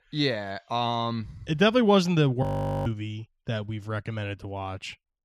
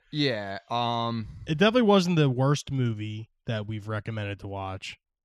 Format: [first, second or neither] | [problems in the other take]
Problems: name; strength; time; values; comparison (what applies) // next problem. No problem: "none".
second | audio freezing; at 2.5 s